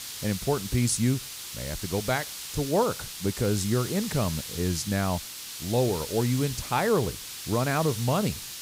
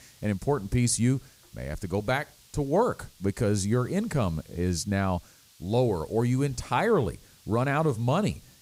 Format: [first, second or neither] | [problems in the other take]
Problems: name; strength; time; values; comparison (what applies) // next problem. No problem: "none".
second | hiss; loud; throughout; 8 dB below the speech; faint in the second